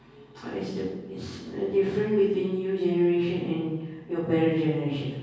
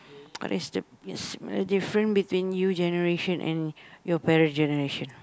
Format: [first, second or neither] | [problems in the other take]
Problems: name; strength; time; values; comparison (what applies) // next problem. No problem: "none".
second | room echo; dies away in 1.3 s